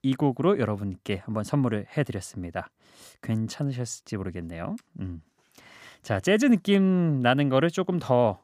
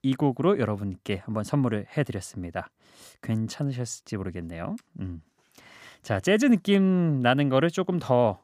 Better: neither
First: none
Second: none

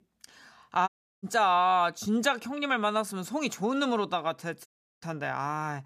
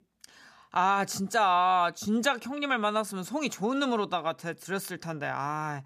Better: second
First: audio cutting out; at 1 s and at 4.5 s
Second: none

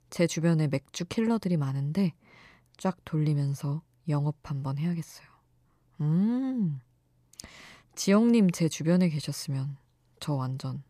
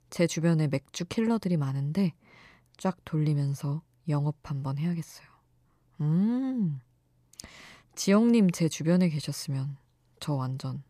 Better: neither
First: none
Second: none

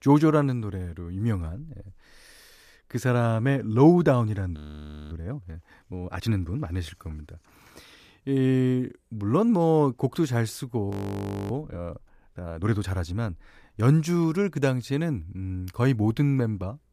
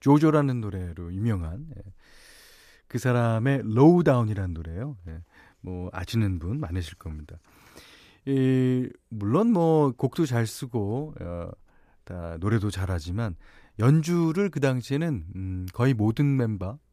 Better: second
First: audio freezing; at 4.5 s for 0.5 s and at 11 s for 0.5 s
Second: none

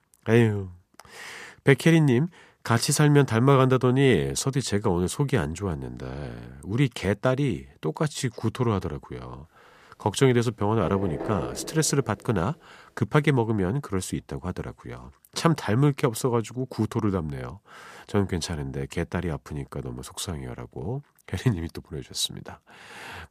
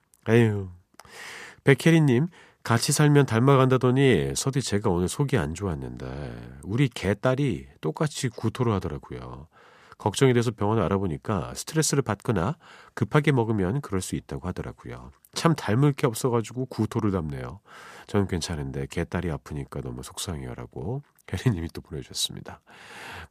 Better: second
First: door banging; noticeable; from 11 to 12 s; peak 8 dB below the speech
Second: none

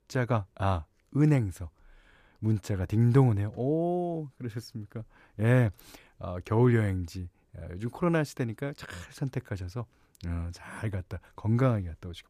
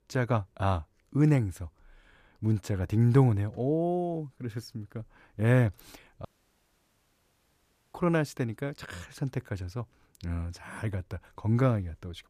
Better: first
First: none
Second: audio cutting out; at 6.5 s for 1.5 s

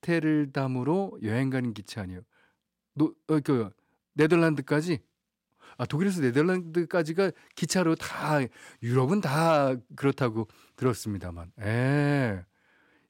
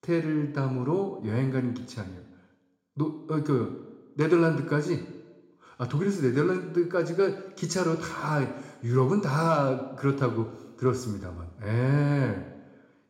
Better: first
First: none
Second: room echo; slight; dies away in 0.7 s // off-mic speech; somewhat distant

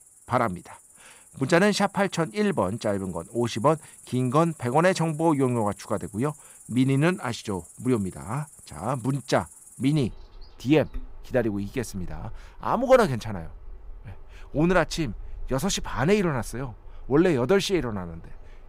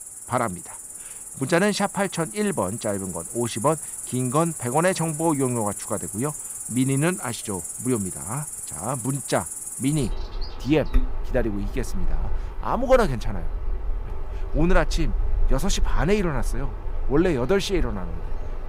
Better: first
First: animal sounds; faint; throughout; 20 dB below the speech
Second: animal sounds; loud; throughout; 6 dB below the speech

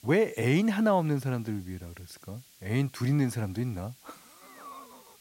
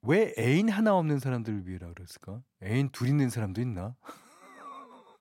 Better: second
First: hiss; faint; throughout; 25 dB below the speech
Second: none

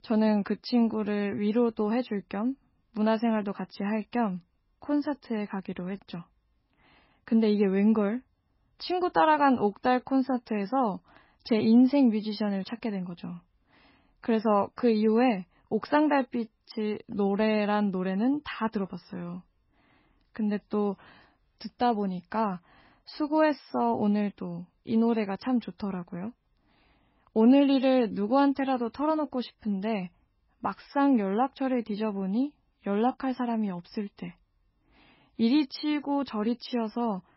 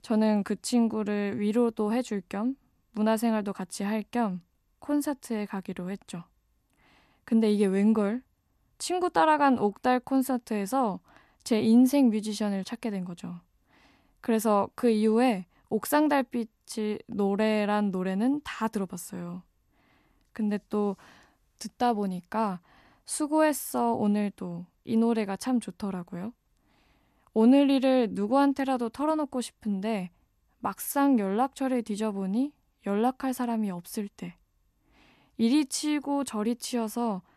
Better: second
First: garbled, watery; badly; nothing above 5.5 kHz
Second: none

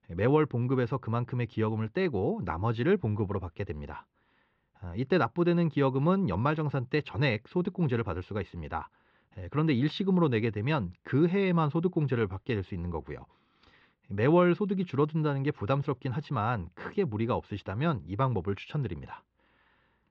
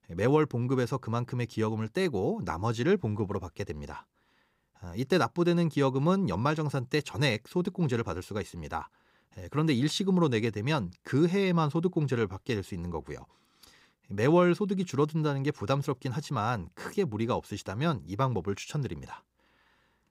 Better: second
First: muffled; slightly; fading above 3.5 kHz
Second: none

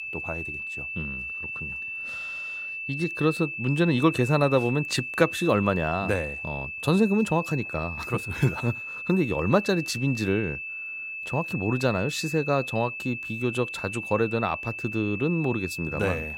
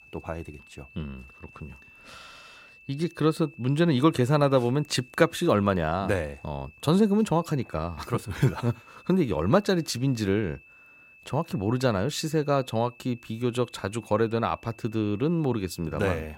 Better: second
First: high-pitched whine; loud; throughout; 2.5 kHz, 6 dB below the speech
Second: high-pitched whine; faint; throughout; 2.5 kHz, 25 dB below the speech

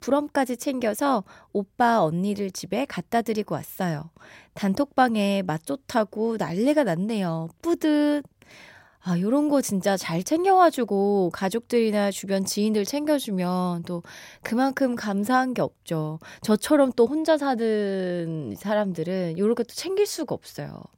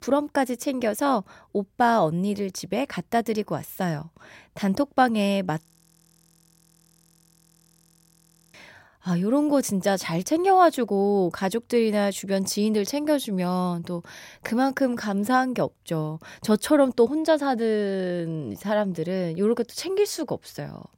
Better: first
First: none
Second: audio freezing; at 5.5 s for 3 s

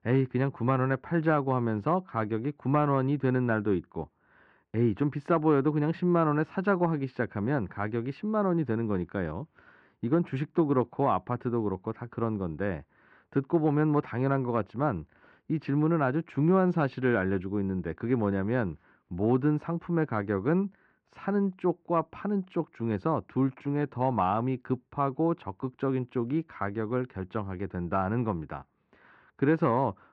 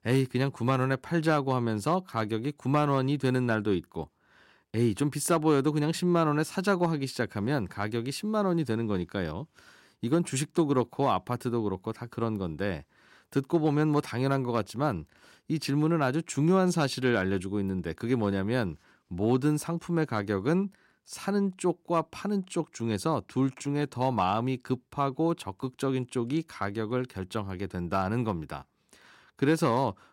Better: second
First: muffled; very; fading above 2 kHz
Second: none

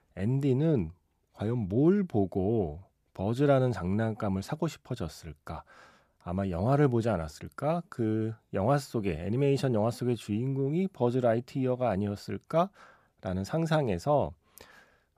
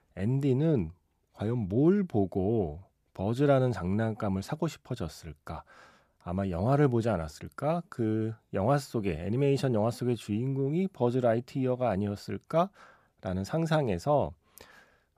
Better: neither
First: none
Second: none

